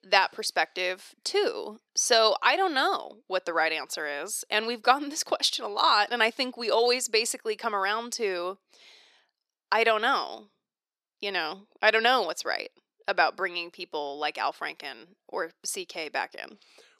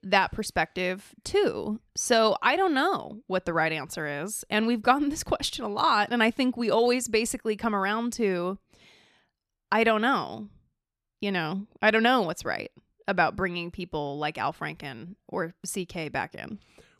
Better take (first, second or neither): second